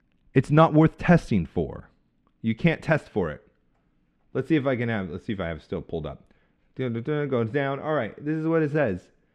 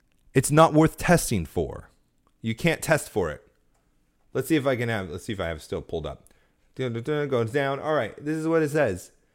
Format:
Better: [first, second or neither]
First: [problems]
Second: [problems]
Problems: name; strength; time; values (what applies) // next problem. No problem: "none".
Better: second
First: muffled; slightly; fading above 2.5 kHz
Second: none